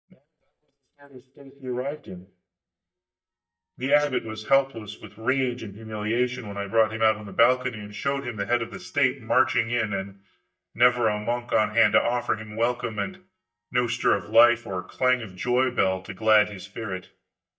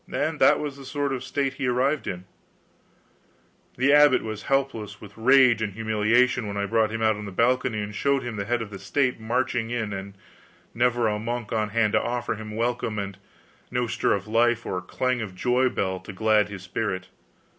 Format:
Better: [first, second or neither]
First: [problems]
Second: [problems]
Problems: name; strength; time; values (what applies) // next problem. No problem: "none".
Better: second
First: noise reduction (neural mask model DeepFilterNet 3)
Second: none